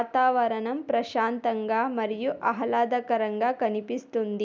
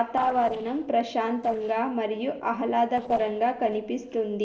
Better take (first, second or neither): first